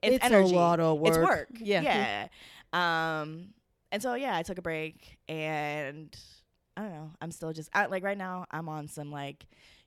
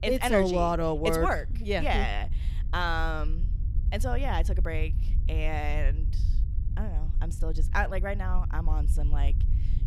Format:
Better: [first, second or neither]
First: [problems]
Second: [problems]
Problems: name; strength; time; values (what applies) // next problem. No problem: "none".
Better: first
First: none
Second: low rumble; faint; throughout; 20 dB below the speech